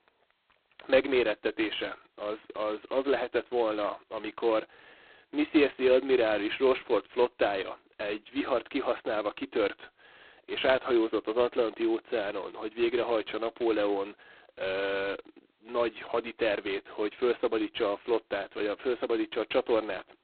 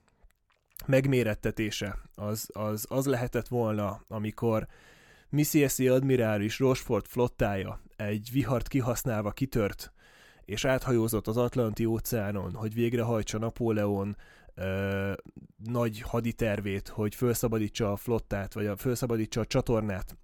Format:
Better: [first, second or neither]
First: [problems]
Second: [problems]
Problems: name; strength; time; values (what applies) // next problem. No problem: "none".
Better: second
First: phone-call audio; poor line; nothing above 4 kHz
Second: none